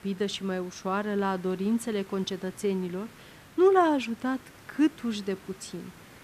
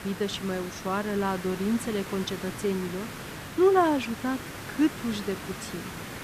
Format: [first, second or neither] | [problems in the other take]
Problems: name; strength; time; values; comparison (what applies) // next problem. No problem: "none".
first | hiss; loud; throughout; 10 dB below the speech; faint in the first